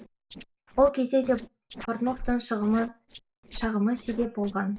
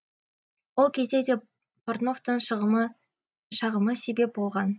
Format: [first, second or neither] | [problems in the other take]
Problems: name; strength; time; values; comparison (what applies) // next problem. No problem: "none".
second | noise reduction (neural separator model SepFormer DNS4)